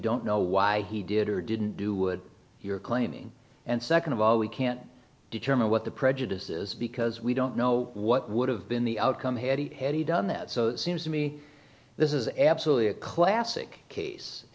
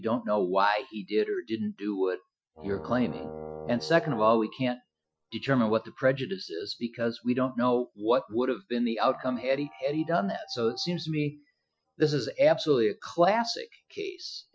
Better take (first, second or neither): first